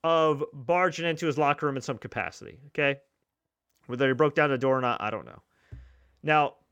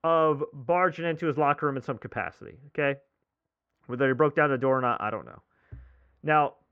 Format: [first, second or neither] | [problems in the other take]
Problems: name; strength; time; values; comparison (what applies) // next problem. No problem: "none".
first | muffled; very; fading above 3.5 kHz